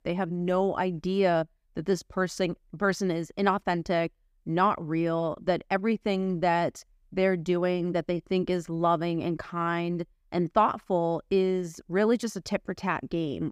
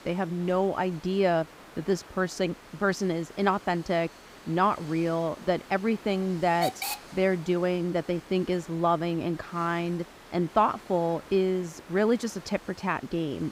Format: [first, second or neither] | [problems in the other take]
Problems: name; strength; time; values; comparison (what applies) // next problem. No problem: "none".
first | hiss; noticeable; throughout; 15 dB below the speech